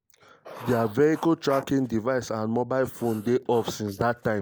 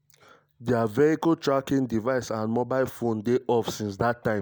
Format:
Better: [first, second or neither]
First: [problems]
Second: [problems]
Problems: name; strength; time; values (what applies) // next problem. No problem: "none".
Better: second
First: noise reduction (neural mask model Resemble Enhance denoiser)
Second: none